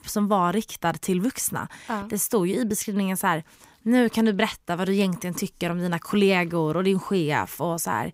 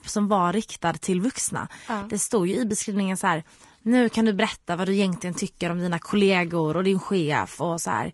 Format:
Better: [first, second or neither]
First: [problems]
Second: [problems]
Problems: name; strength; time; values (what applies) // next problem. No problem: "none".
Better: first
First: none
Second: garbled, watery; slightly; nothing above 11 kHz